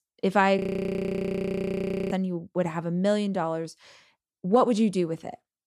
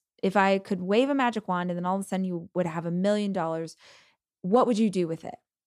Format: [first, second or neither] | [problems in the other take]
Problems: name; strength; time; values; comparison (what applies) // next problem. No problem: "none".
second | audio freezing; at 0.5 s for 1.5 s